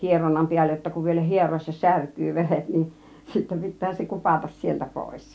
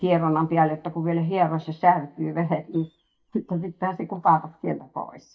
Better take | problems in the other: first | noise reduction (neural mask model DeepFilterNet 3)

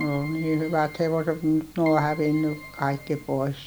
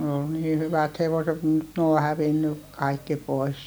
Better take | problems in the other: second | background sound (Keyboard (musical)); 17 dB below the speech

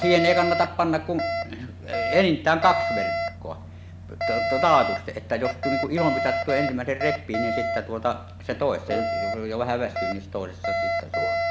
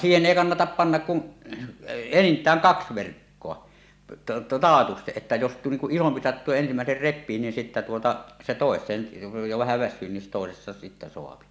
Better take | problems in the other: second | background sound (Alarm); 2 dB below the speech

